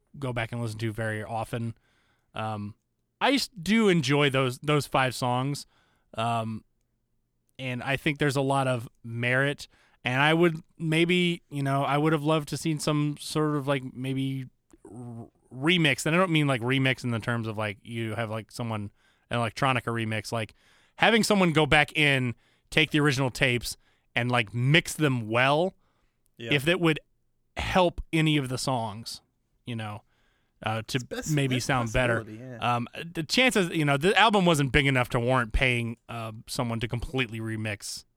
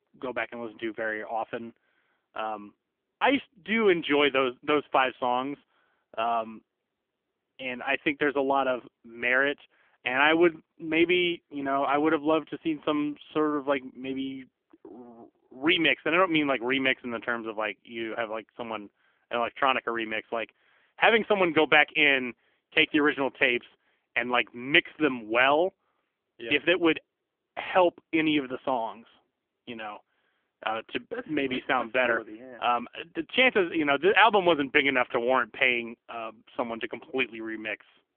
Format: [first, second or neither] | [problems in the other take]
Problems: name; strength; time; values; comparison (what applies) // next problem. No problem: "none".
first | phone-call audio; poor line; nothing above 3.5 kHz